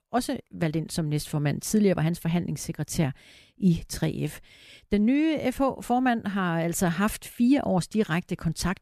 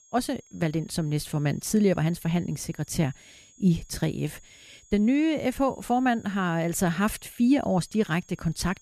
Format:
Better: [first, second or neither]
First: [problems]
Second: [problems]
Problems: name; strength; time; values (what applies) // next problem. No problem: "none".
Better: first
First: none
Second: high-pitched whine; faint; throughout; 6.5 kHz, 25 dB below the speech